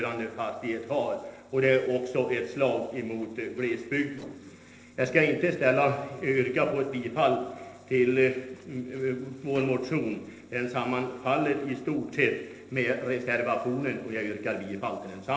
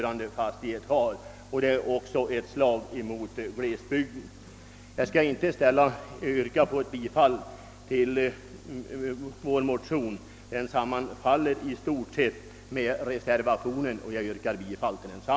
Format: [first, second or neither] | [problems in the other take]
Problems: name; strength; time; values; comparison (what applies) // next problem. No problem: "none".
second | noise reduction (neural separator model SepFormer DNS4)